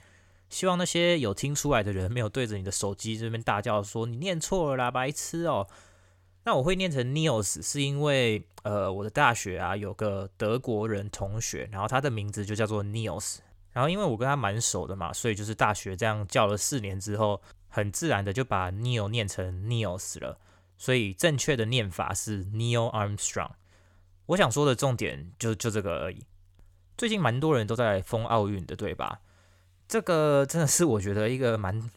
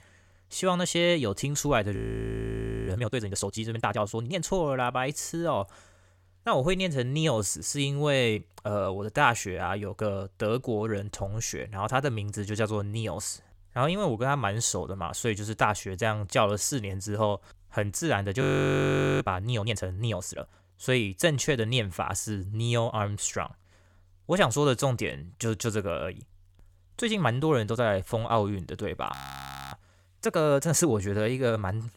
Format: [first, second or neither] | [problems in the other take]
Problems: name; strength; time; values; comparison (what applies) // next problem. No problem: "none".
first | audio freezing; at 2 s for 1 s, at 18 s for 1 s and at 29 s for 0.5 s